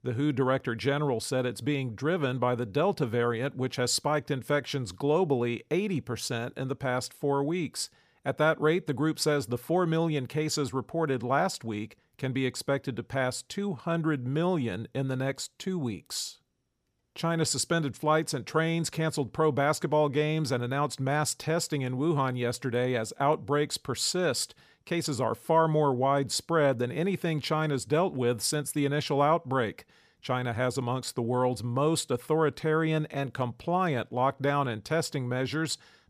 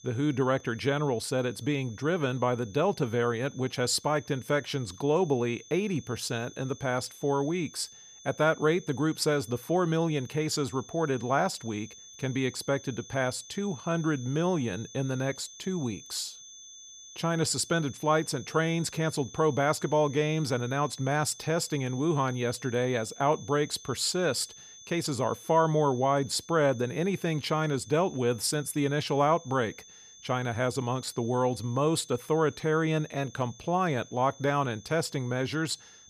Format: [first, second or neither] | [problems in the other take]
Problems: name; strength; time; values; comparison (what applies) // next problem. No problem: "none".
first | high-pitched whine; noticeable; throughout; 6 kHz, 20 dB below the speech